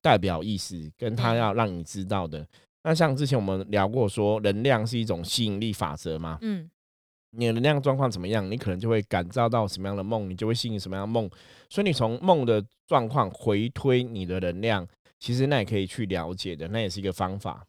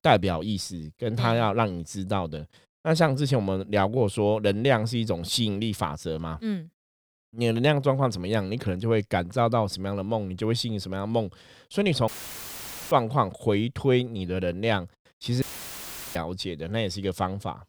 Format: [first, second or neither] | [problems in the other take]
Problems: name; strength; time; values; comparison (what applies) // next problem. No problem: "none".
first | audio cutting out; filled with static; at 12 s for 1 s and at 15 s for 0.5 s